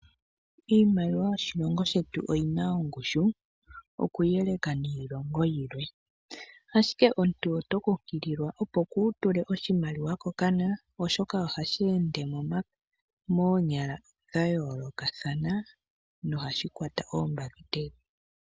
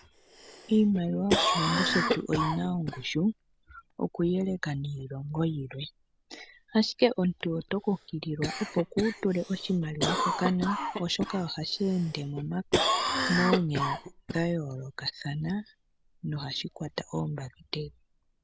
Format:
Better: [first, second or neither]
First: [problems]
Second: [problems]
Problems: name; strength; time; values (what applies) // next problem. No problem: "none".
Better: first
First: none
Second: background sound (Cough); 4 dB below the speech